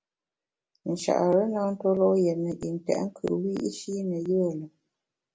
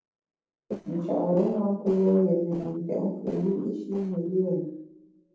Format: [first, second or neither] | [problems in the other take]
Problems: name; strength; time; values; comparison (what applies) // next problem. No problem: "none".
first | noise reduction (neural separator model SepFormer DNS4)